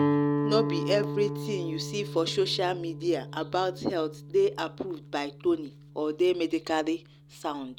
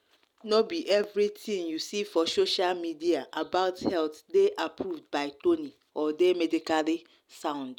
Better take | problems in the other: second | background sound (Guitar); 4 dB below the speech

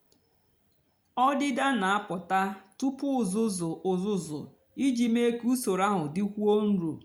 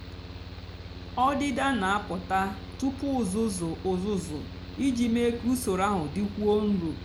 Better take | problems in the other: first | background sound (Mechanical fan); 11 dB below the speech

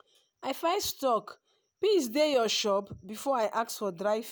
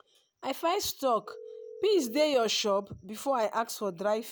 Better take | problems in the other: first | background sound (Telephone); 15 dB below the speech

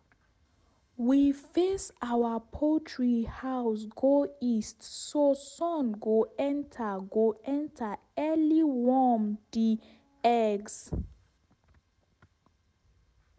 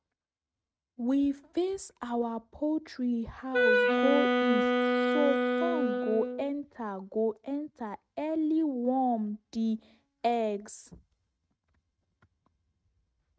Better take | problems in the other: first | noise reduction (neural mask model RNNoise)

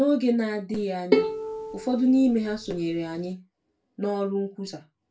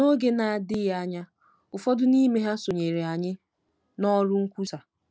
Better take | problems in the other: second | background sound (Bowed string instrument); 3 dB below the speech // room echo; dies away in 0.2 s

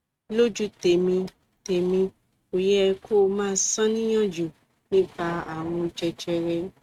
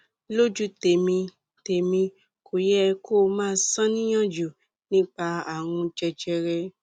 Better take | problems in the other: second | noise reduction (neural mask model RNNoise)

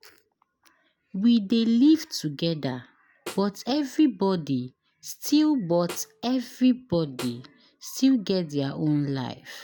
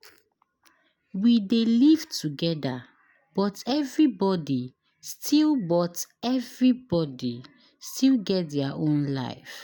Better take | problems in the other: second | background sound (Snare drum); 20 dB below the speech

